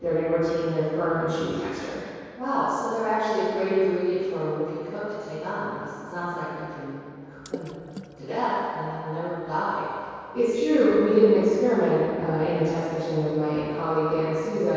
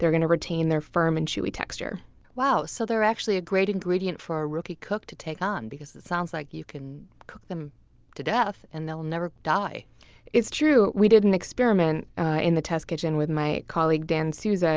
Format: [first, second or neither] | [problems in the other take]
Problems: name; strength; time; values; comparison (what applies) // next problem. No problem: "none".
second | background sound (Water / Splash, splatter); 19 dB below the speech // room echo; dies away in 2.2 s